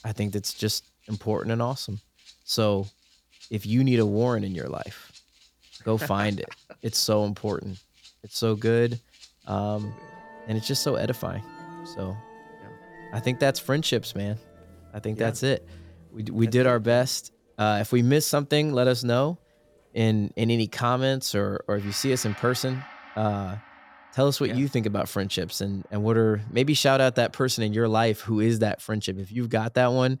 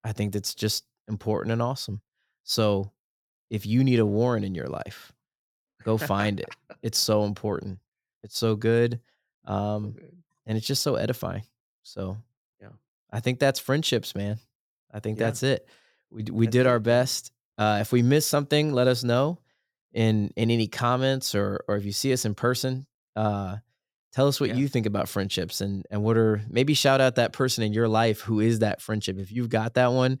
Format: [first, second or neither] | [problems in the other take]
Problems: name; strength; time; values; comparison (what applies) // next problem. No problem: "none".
second | background music; faint; throughout; 25 dB below the speech